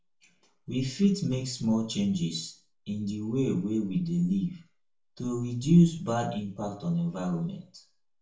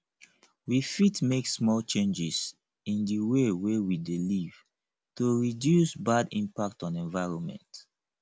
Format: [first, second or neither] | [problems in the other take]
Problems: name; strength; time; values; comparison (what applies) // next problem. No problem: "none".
second | room echo; dies away in 0.4 s